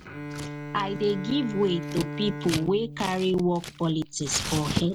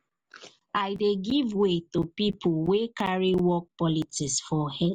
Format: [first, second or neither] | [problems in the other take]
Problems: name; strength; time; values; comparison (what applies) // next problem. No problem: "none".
second | background sound (Bowed string instrument + Scissors); 7 dB below the speech